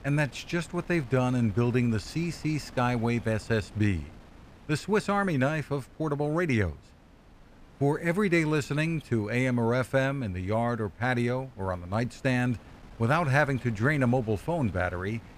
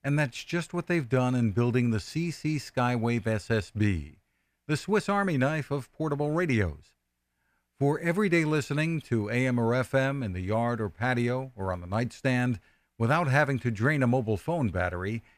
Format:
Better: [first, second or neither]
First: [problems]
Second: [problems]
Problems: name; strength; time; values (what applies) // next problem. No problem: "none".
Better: second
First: wind noise on the microphone; occasional gusts; 25 dB below the speech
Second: none